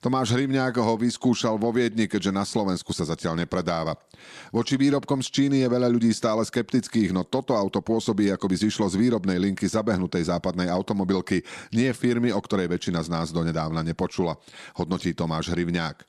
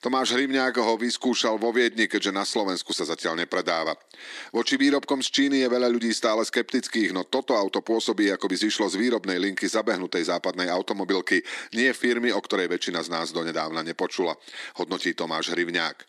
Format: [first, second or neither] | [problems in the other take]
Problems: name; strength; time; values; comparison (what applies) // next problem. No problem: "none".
first | thin; very slightly; fading below 300 Hz